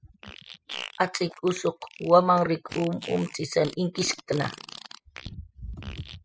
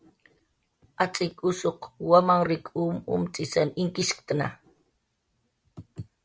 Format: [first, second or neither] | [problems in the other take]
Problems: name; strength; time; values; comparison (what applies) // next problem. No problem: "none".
second | noise reduction (classical method spectral subtraction)